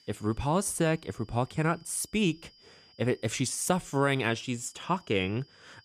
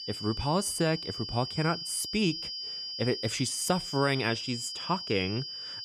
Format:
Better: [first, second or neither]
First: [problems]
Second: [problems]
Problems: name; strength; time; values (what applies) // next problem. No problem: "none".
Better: first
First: high-pitched whine; faint; throughout; 5 kHz, 30 dB below the speech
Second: high-pitched whine; loud; throughout; 5 kHz, 5 dB below the speech